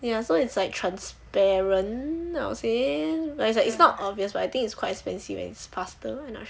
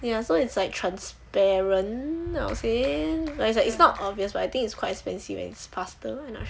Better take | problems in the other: first | background sound (Clapping); 17 dB below the speech

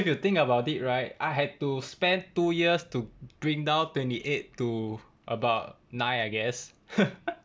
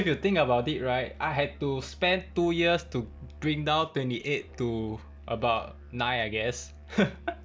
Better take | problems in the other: first | background sound (Musical instrument); 18 dB below the speech

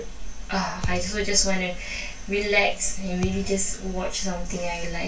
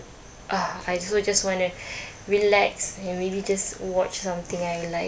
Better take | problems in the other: second | background sound (Thump, thud); 12 dB below the speech // room echo; dies away in 0.1 s

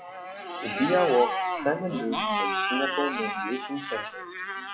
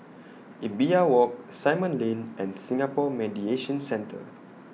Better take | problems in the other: second | noise reduction (classical method log-MMSE)

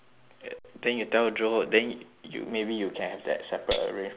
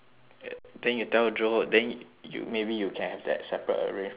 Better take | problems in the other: second | background sound (Tambourine); 6 dB below the speech

